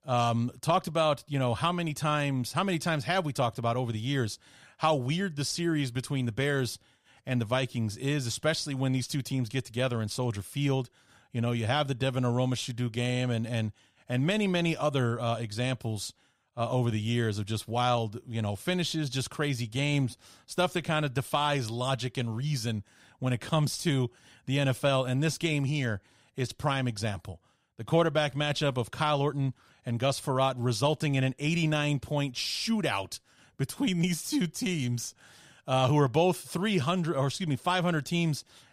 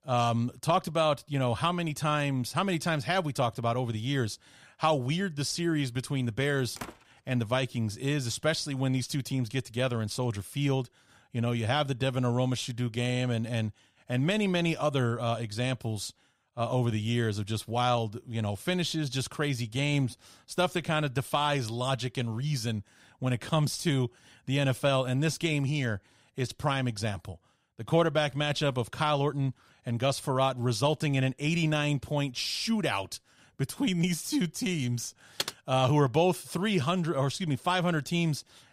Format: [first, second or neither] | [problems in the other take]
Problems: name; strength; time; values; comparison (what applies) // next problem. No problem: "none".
first | door banging; faint; at 7 s; peak 15 dB below the speech // keyboard typing; noticeable; at 35 s; peak 5 dB below the speech